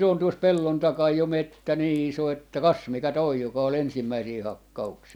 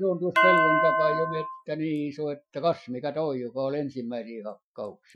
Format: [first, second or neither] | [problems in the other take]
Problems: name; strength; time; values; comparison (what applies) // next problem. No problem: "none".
first | noise reduction (classical method Wiener filter)